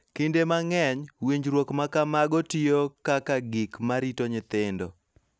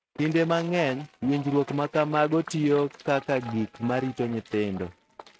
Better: first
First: none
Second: noise reduction (neural mask model RNNoise)

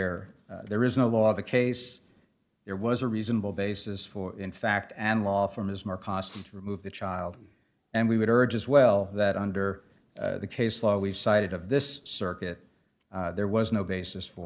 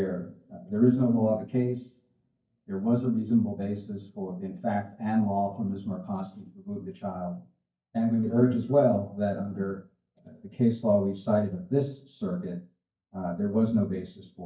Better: first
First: none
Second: noise reduction (neural mask model DeepFilterNet 3)

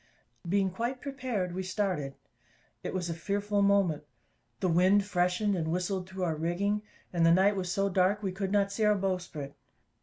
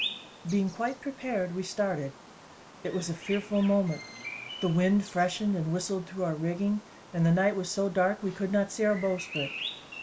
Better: first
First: none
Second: background sound (Bird vocalization, bird call, bird song); 14 dB below the speech

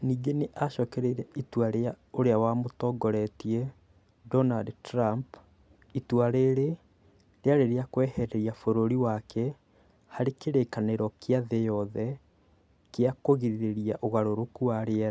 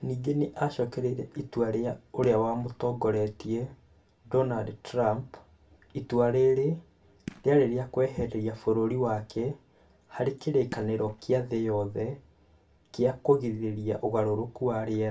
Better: first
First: none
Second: background sound (Fireworks); 20 dB below the speech // room echo; dies away in 0.2 s

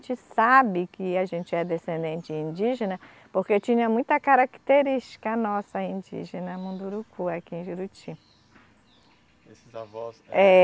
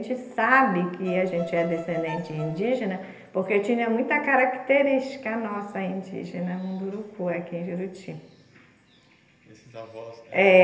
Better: first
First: none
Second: background sound (Bowed string instrument); 11 dB below the speech // room echo; dies away in 1.4 s

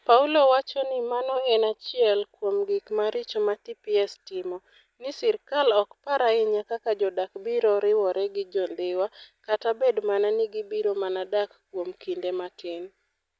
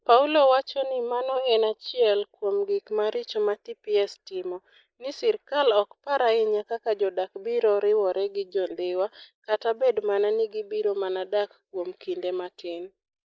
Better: first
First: none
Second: noise reduction (neural mask model Resemble Enhance denoiser)

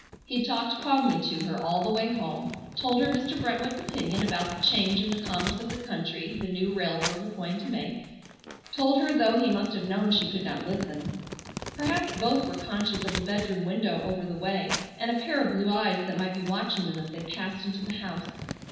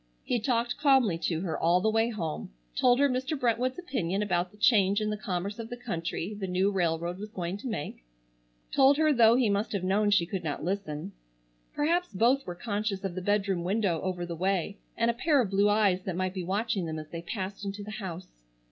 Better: second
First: background sound (Crumpling, crinkling); 11 dB below the speech // room echo; dies away in 1.1 s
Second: none

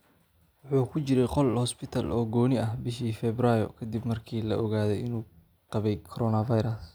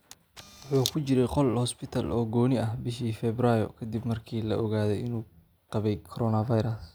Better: first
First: none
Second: background sound (Camera); 11 dB below the speech

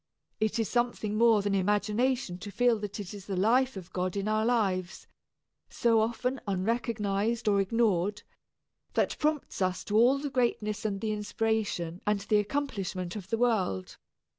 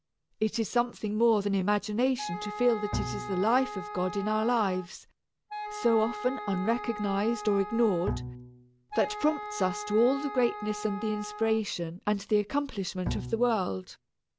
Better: first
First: none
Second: background sound (Wind instrument, woodwind instrument + Bowed string instrument); 9 dB below the speech

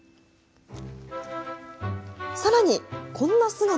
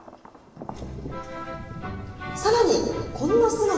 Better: first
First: none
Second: background sound (Thunder); 13 dB below the speech // room echo; dies away in 1 s

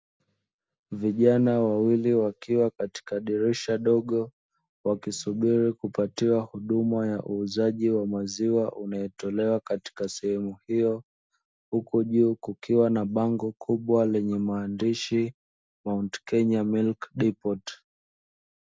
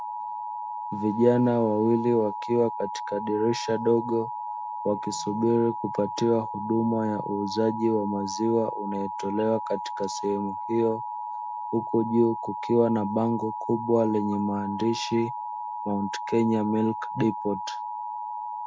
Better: first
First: none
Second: background sound (Alarm); 7 dB below the speech

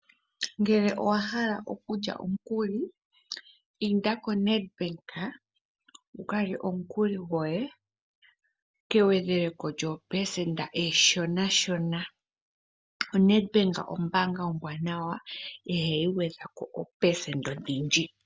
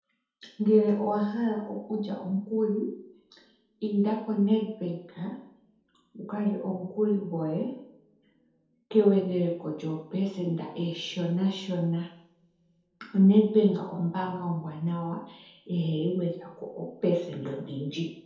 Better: first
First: none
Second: room echo; dies away in 0.8 s

